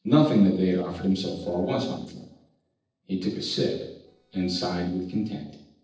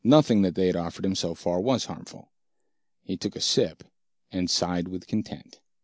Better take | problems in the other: second | noise reduction (neural separator model SepFormer DNS4)

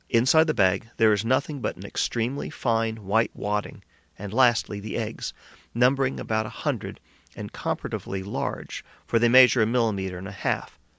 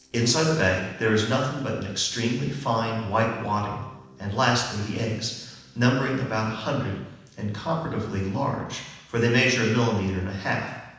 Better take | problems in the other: first | noise reduction (neural separator model SepFormer DNS4)

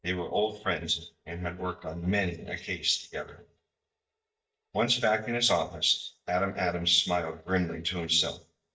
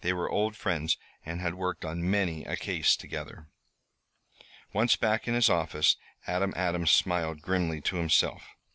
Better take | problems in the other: second | noise reduction (neural mask model DeepFilterNet 3)

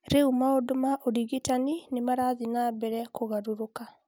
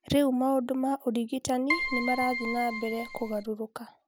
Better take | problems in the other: first | background sound (Keyboard (musical)); 4 dB below the speech

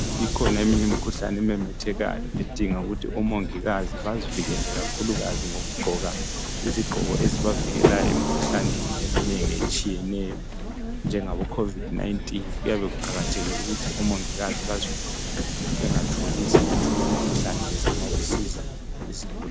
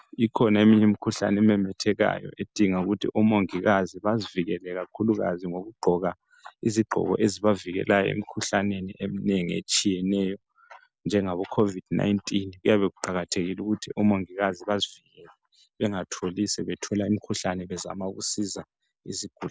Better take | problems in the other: second | background sound (Subway, metro, underground); 3 dB above the speech

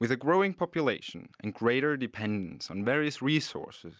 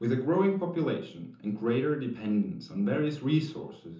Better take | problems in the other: first | room echo; dies away in 0.6 s

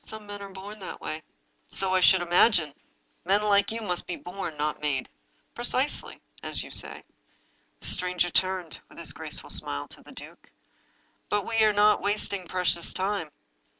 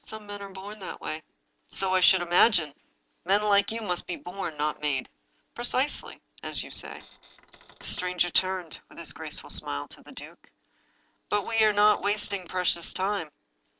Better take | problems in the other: first | noise reduction (neural separator model SepFormer DNS4)

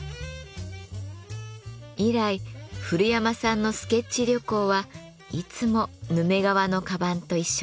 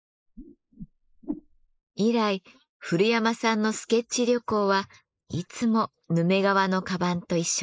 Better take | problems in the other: first | noise reduction (neural mask model Resemble Enhance denoiser)

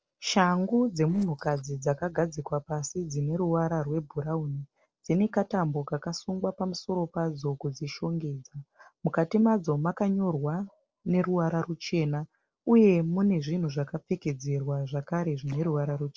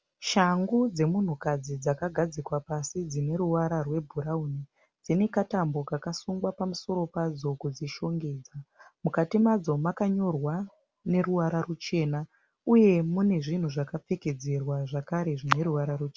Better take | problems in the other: second | noise reduction (neural separator model SepFormer DNS4)

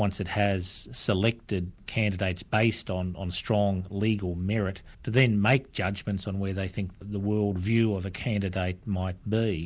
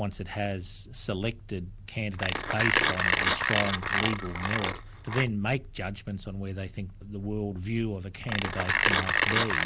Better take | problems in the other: first | background sound (Mechanisms); 2 dB above the speech

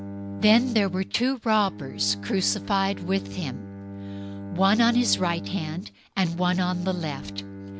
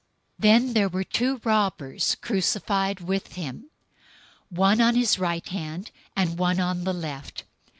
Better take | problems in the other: second | background sound (Bowed string instrument); 11 dB below the speech

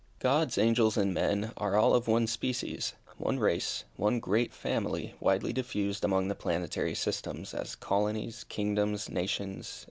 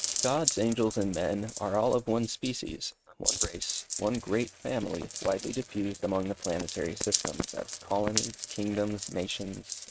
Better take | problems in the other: first | noise reduction (neural mask model RNNoise)

